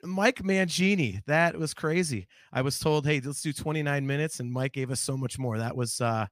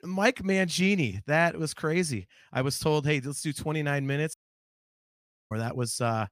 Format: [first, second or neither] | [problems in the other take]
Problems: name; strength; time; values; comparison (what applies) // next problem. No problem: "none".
first | audio cutting out; at 4.5 s for 1 s